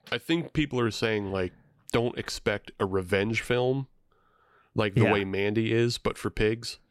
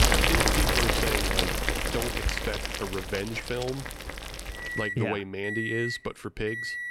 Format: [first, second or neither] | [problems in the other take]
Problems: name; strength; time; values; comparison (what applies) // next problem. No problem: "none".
first | household noises; very loud; throughout; 5 dB above the speech